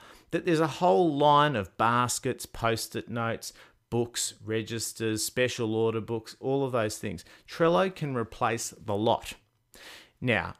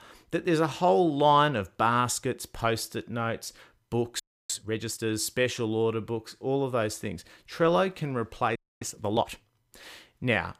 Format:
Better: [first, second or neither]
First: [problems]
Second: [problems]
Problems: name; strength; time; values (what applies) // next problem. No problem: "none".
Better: first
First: none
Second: audio freezing; at 4 s and at 8.5 s